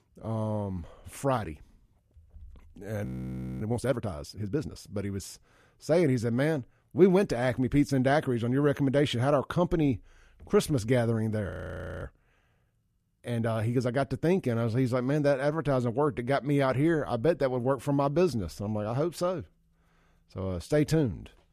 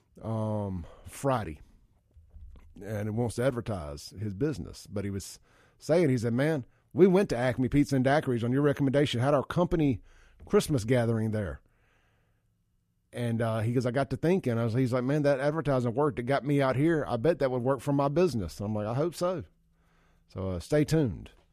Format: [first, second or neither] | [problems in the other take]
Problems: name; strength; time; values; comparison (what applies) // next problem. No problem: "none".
second | audio freezing; at 3 s for 0.5 s and at 11 s for 0.5 s